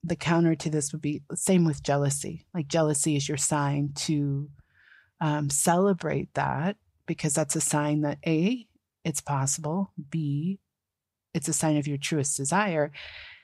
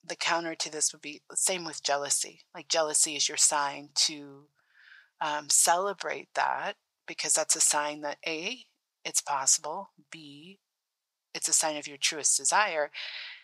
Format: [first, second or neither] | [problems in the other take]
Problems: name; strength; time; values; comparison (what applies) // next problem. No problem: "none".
first | thin; very; fading below 800 Hz